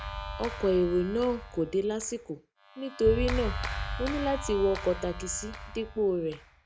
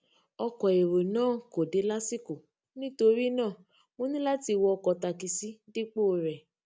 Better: second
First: background sound (Clapping); 7 dB below the speech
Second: none

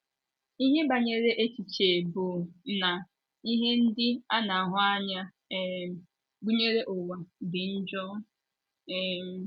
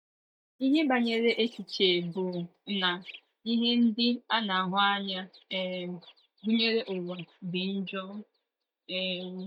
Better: first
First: none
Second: noise reduction (neural mask model DeepFilterNet 3)

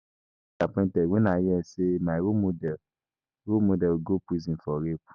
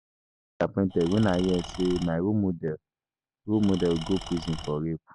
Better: first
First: none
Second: background sound (Engine / Tools); 13 dB below the speech

